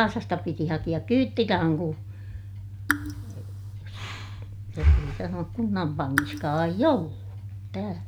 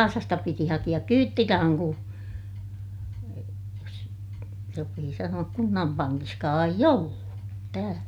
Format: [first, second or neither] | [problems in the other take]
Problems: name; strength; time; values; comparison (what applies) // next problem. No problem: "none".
second | background sound (Raindrop / Drip + Breathing); 1 dB below the speech